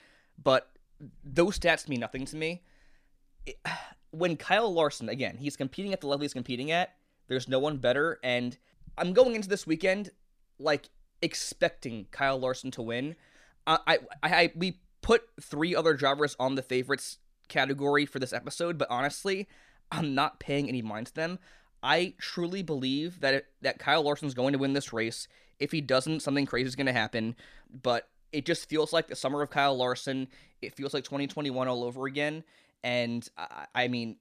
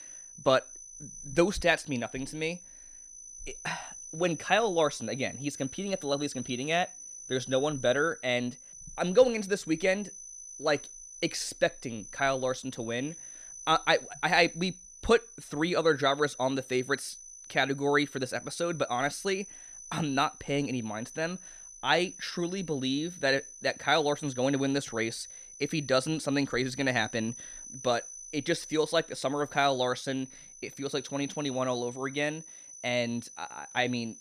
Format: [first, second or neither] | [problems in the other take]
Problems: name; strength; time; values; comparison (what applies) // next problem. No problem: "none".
first | high-pitched whine; noticeable; throughout; 6 kHz, 15 dB below the speech